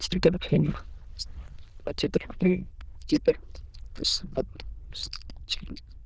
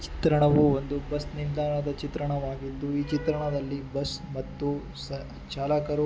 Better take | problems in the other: second | noise reduction (neural diffusion model UNIVERSE++)

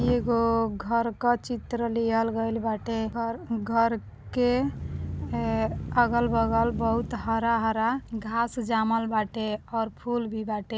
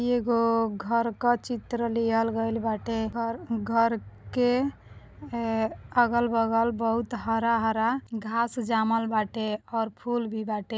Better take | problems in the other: second | background sound (Engine starting / Accelerating, revving, vroom / Motor vehicle (road)); 11 dB below the speech

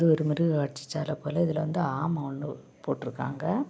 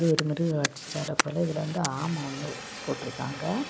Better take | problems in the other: first | background sound (Fire); 6 dB below the speech

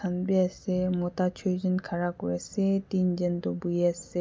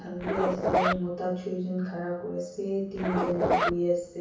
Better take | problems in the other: first | background sound (Zipper (clothing)); 1 dB above the speech // room echo; dies away in 0.6 s

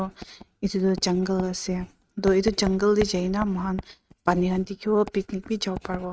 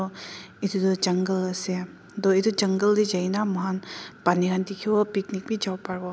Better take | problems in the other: second | noise reduction (neural mask model RNNoise)

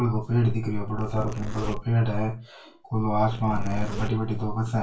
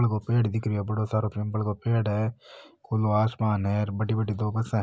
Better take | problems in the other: second | background sound (Zipper (clothing)); 12 dB below the speech // room echo; dies away in 0.2 s

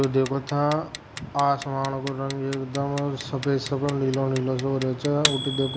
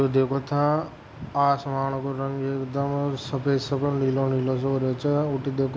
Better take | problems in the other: second | background sound (Clock); 10 dB below the speech

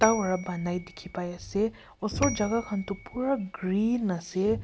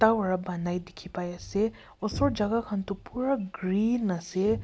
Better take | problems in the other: second | background sound (Bell / Telephone); 14 dB below the speech

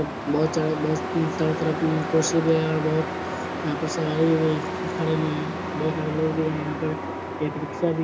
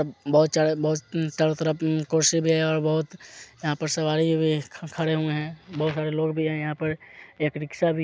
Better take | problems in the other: second | background sound (Truck); 4 dB below the speech // room echo; dies away in 0.2 s

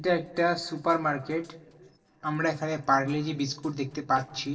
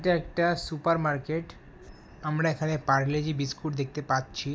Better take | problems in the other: second | noise reduction (neural separator model SepFormer DNS4)

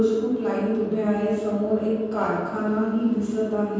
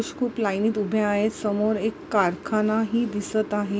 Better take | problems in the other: second | room echo; dies away in 1.2 s

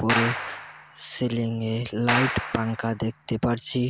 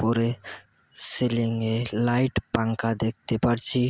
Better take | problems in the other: second | background sound (Clapping); 5 dB below the speech

